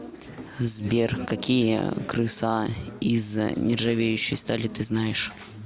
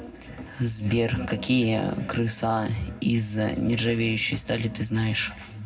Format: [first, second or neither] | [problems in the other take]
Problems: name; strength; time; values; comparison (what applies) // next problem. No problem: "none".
first | room echo; dies away in 0.3 s